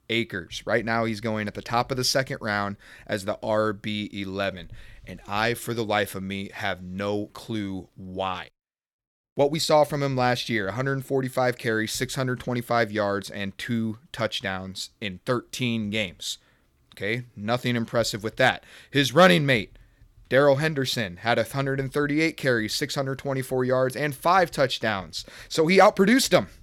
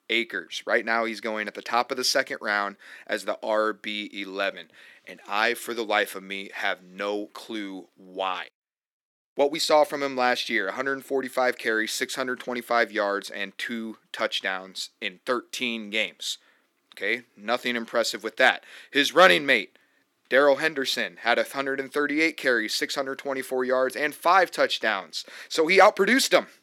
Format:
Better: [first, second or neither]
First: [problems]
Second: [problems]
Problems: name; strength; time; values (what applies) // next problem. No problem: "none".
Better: first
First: none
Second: thin; somewhat; fading below 250 Hz